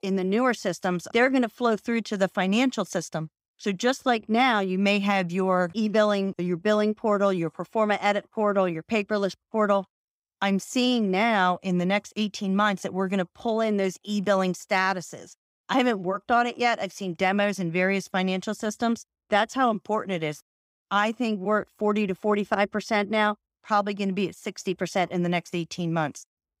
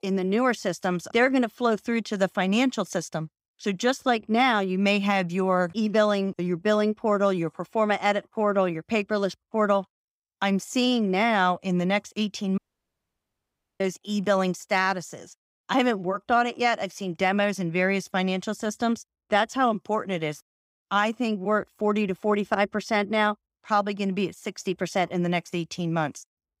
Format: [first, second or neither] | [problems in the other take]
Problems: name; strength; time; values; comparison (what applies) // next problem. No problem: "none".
first | audio cutting out; at 13 s for 1 s